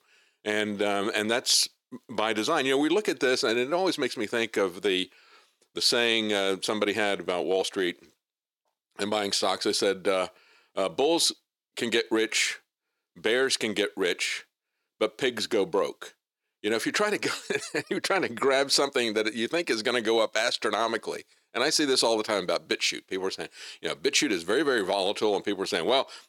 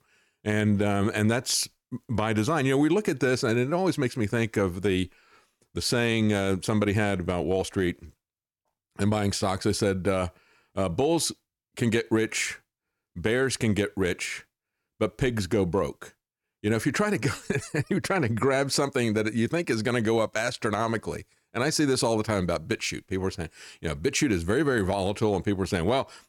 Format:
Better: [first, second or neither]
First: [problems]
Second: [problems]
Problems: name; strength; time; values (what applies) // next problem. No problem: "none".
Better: second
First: thin; somewhat; fading below 400 Hz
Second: none